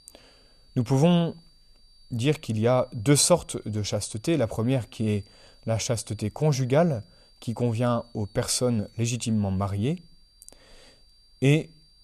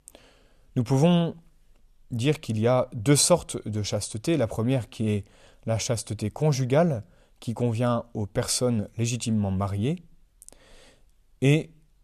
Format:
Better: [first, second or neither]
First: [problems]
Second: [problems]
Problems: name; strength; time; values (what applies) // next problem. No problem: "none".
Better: second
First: high-pitched whine; faint; throughout; 4.5 kHz, 30 dB below the speech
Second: none